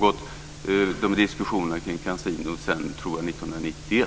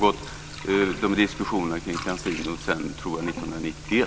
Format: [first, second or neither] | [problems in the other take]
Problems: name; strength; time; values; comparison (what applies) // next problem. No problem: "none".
first | background sound (Sink (filling or washing) / Water); 14 dB below the speech